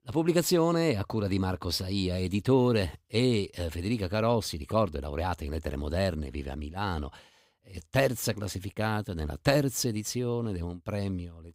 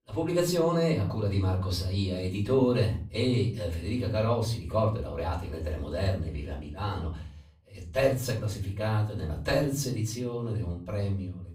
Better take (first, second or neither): first